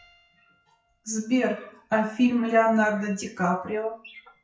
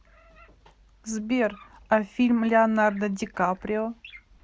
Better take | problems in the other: second | noise reduction (classical method WPE with log-MMSE)

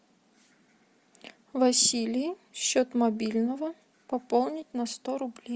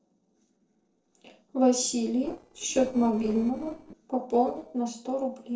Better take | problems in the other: first | noise reduction (neural separator model SepFormer DNS4)

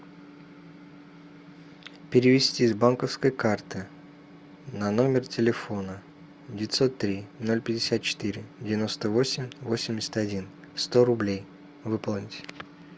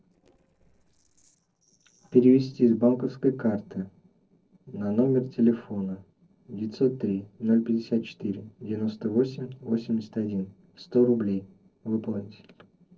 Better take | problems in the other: first | noise reduction (neural separator model SepFormer DNS4)

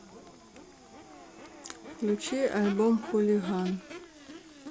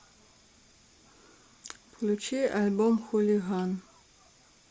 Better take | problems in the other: second | background sound (Crowd / Race car, auto racing / Accelerating, revving, vroom); 14 dB below the speech

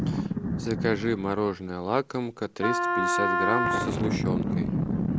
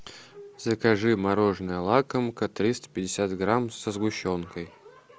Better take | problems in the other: second | background sound (Wind instrument, woodwind instrument + Boom); 2 dB above the speech

